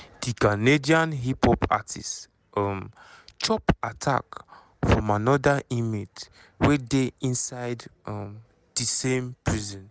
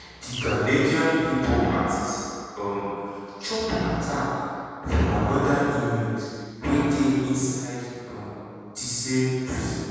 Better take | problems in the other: first | background sound (Bird); 17 dB below the speech // room echo; dies away in 2.1 s

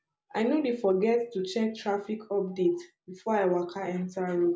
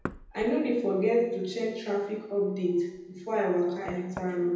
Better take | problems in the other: first | background sound (Knock); 18 dB below the speech // room echo; dies away in 0.9 s

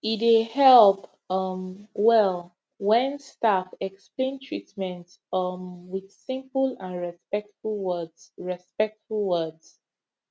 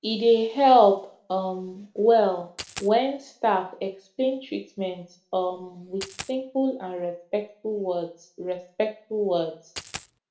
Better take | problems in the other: first | background sound (Coin (dropping)); 13 dB below the speech // room echo; dies away in 0.4 s

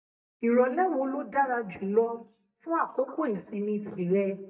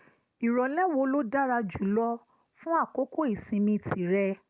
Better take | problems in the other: second | noise reduction (neural mask model DeepFilterNet 3)

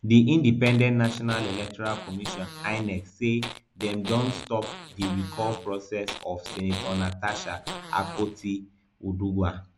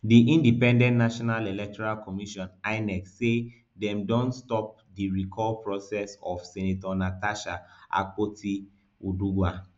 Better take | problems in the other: second | background sound (Fart); 12 dB below the speech

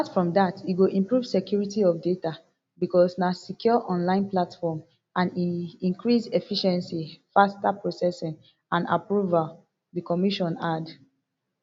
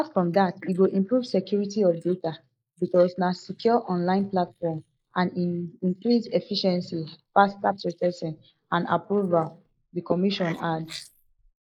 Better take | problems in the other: first | noise reduction (neural mask model Resemble Enhance denoiser)

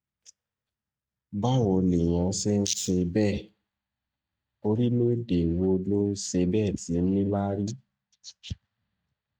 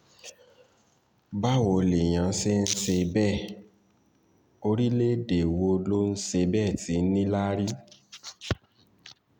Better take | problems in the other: second | noise reduction (neural mask model DeepFilterNet 3)

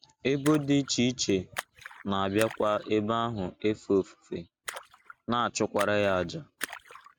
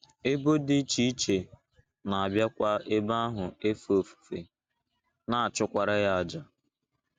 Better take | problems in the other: second | background sound (Splash, splatter); 16 dB below the speech

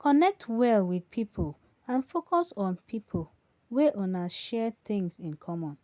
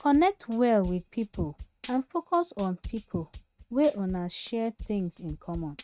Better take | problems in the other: first | noise reduction (neural mask model RNNoise)

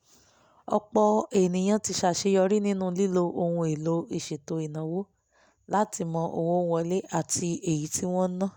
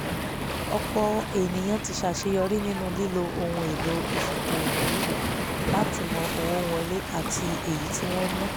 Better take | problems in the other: first | background sound (Waves, surf); as loud as the speech

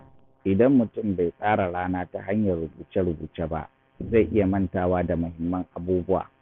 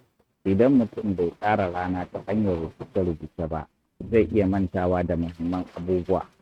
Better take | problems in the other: first | noise reduction (neural mask model RNNoise)

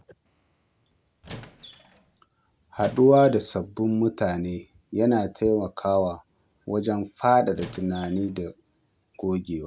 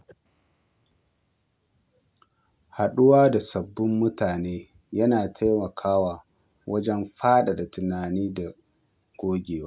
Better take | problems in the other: second | background sound (Squeak); 19 dB below the speech

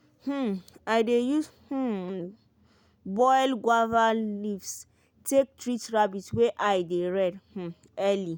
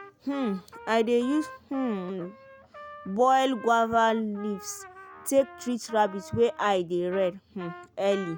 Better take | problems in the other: first | background sound (Trumpet); 18 dB below the speech

